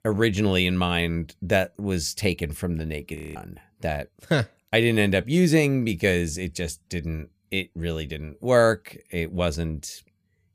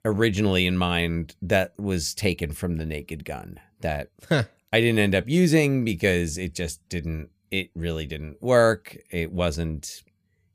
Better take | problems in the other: second | audio freezing; at 3 s

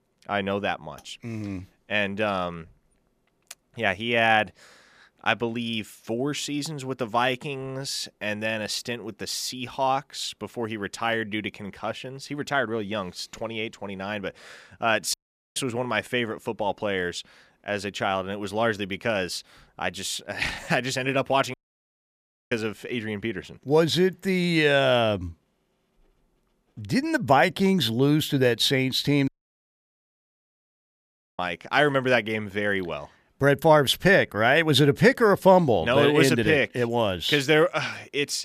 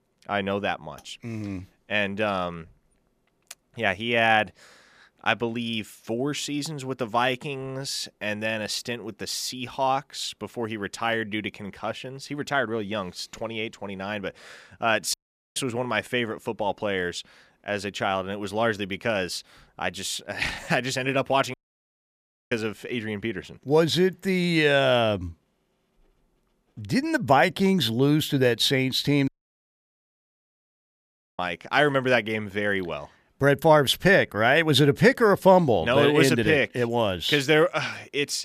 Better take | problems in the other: neither | audio cutting out; at 15 s, at 22 s for 1 s and at 29 s for 2 s; the same in both

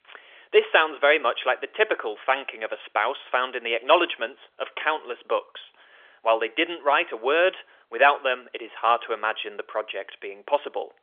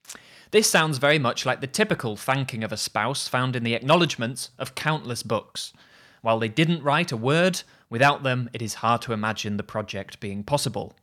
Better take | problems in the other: second | phone-call audio; nothing above 3.5 kHz

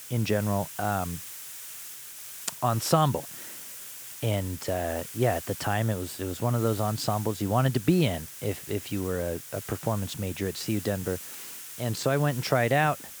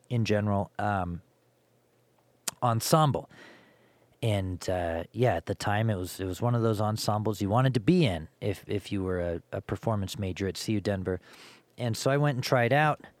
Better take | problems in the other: second | hiss; noticeable; throughout; 10 dB below the speech

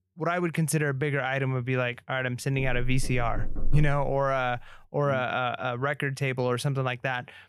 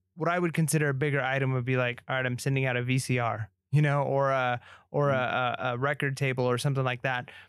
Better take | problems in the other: second | door banging; noticeable; from 2.5 to 4 s; peak 7 dB below the speech

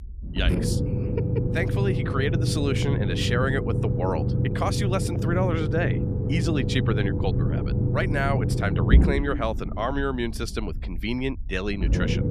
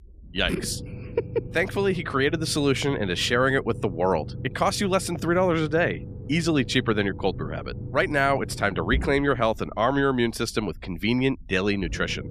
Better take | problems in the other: second | low rumble; loud; throughout; 5 dB below the speech; faint in the second

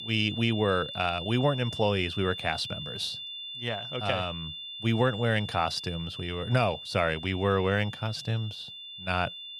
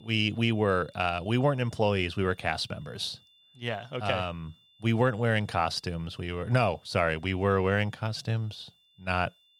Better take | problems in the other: second | high-pitched whine; loud; throughout; 3.5 kHz, 9 dB below the speech; faint in the second

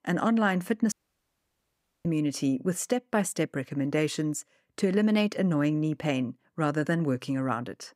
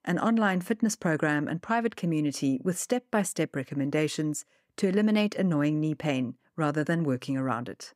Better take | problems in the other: second | audio cutting out; at 1 s for 1 s

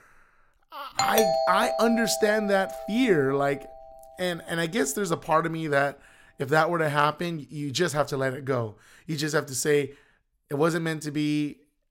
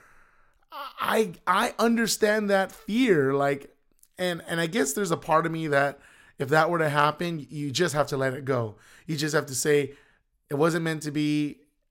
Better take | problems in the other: second | doorbell; loud; from 1 to 3 s; peak 2 dB above the speech

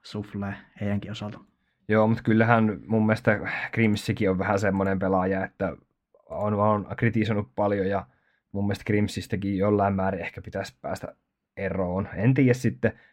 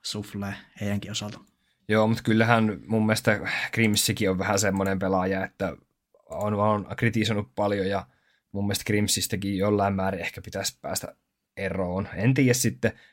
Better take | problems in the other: second | muffled; very; fading above 3.5 kHz

